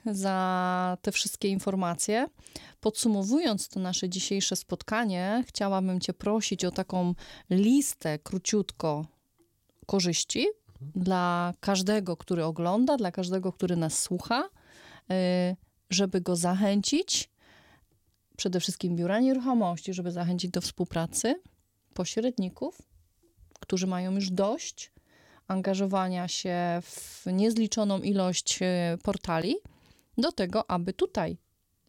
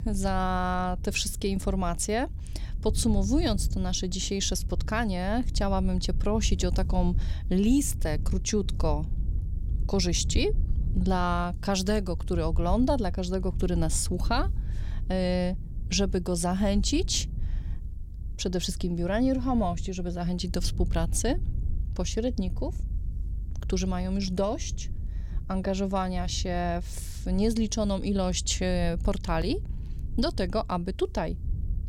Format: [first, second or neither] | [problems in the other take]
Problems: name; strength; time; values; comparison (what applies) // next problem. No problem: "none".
first | low rumble; faint; throughout; 20 dB below the speech